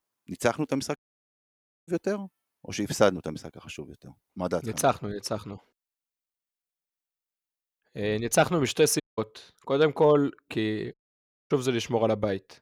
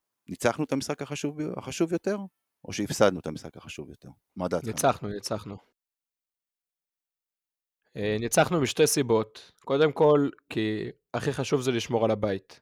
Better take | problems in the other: second | audio cutting out; at 1 s for 1 s, at 9 s and at 11 s for 0.5 s

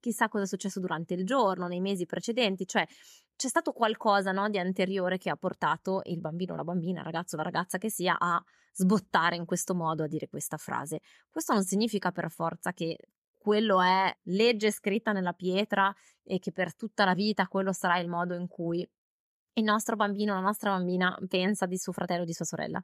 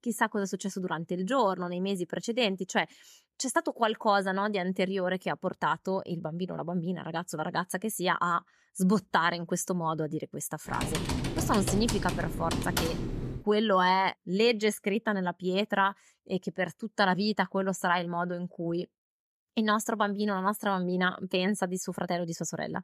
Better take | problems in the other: first | keyboard typing; noticeable; from 11 to 13 s; peak 1 dB below the speech

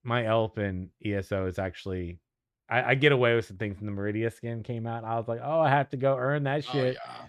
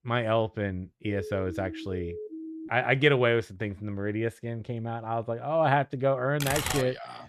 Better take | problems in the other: first | siren; faint; from 1 to 2.5 s; peak 10 dB below the speech // keyboard typing; noticeable; at 6.5 s; peak 1 dB below the speech

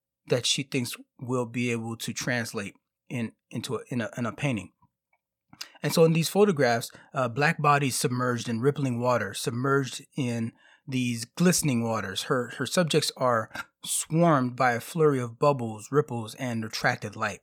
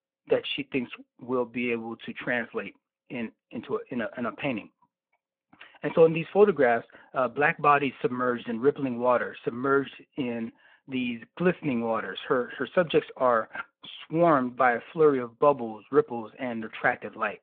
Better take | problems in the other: first | phone-call audio; nothing above 3.5 kHz

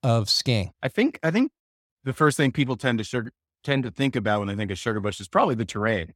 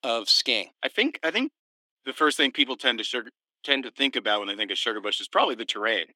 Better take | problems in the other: first | thin; somewhat; fading below 300 Hz

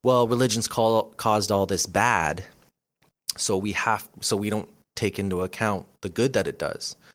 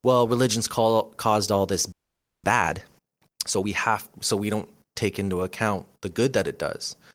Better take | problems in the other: first | audio freezing; at 2 s for 0.5 s

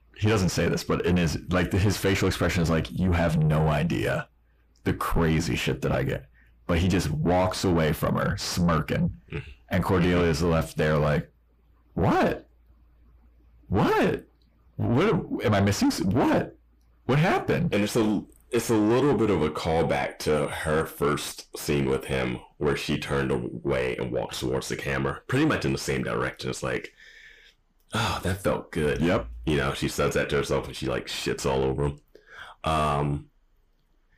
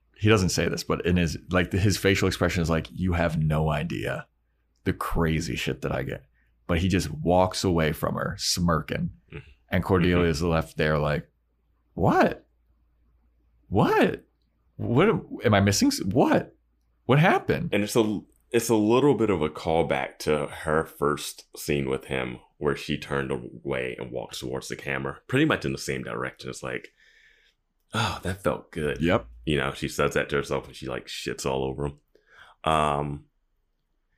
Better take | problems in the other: second | distortion; heavy; 7 dB below the speech

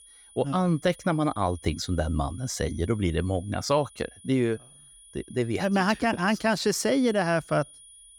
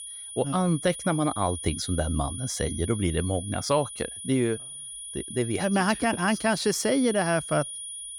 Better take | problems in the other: first | high-pitched whine; loud; throughout; 9.5 kHz, 9 dB below the speech; faint in the first

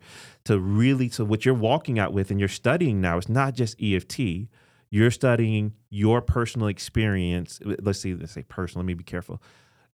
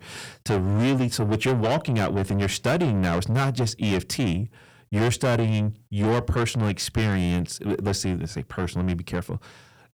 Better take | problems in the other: first | distortion; heavy; 6 dB below the speech

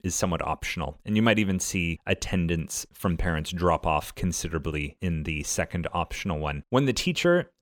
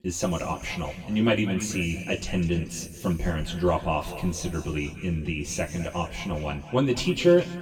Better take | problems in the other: first | room echo; noticeable; dies away in 2 s // off-mic speech; far

